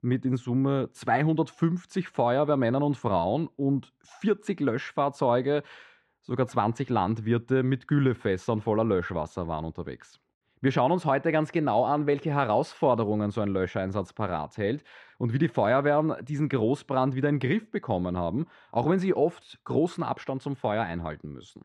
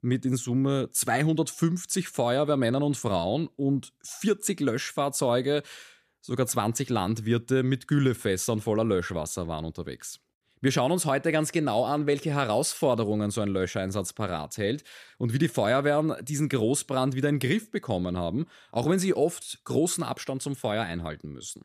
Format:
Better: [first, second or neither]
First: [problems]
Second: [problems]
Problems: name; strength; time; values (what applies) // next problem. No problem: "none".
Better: second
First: muffled; very; fading above 2.5 kHz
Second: none